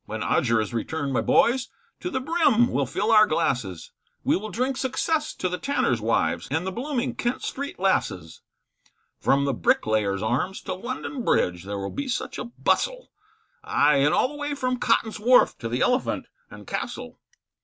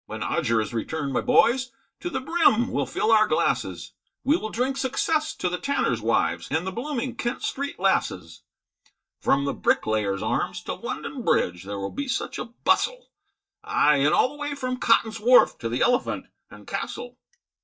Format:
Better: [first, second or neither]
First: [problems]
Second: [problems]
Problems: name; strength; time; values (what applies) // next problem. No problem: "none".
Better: first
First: none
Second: noise reduction (neural mask model DeepFilterNet 3)